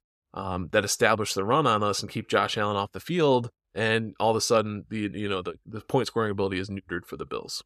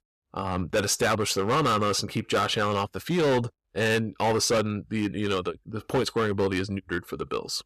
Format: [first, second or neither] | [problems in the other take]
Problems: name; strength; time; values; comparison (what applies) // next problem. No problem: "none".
first | distortion; heavy; 10% of the sound clipped